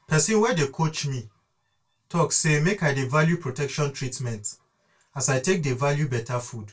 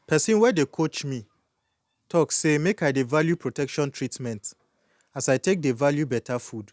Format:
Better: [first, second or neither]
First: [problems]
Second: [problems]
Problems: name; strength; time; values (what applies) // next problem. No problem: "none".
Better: second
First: room echo; dies away in 0.2 s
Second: none